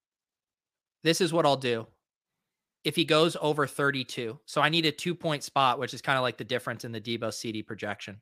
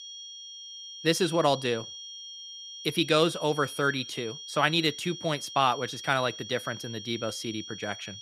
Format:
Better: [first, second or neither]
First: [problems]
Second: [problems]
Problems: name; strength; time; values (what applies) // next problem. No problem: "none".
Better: first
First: none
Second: high-pitched whine; noticeable; throughout; 3.5 kHz, 10 dB below the speech